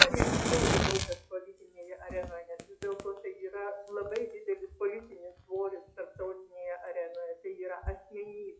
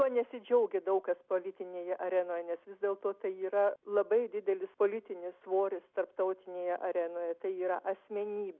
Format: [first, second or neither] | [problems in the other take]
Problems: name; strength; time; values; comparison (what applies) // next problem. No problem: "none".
second | noise reduction (classical method WPE with log-MMSE)